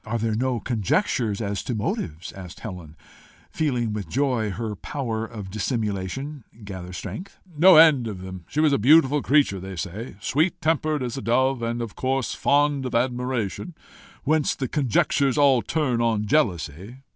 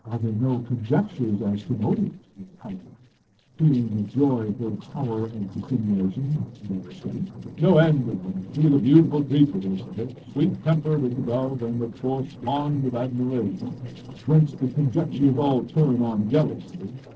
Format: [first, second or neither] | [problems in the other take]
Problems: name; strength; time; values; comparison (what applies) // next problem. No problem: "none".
first | noise reduction (neural separator model SepFormer DNS4)